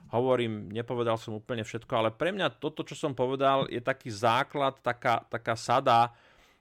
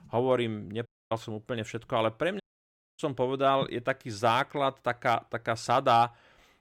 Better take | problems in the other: first | audio cutting out; at 1 s and at 2.5 s for 0.5 s

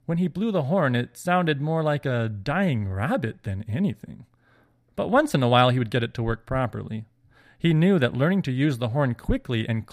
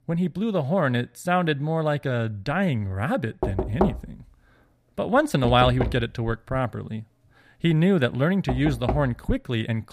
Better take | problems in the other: first | door banging; noticeable; from 3.5 to 9 s; peak 2 dB below the speech

